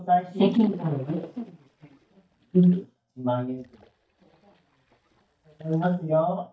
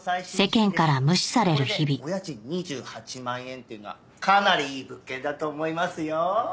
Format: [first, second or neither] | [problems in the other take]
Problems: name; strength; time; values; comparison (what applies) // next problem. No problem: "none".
second | noise reduction (neural mask model DeepFilterNet 3)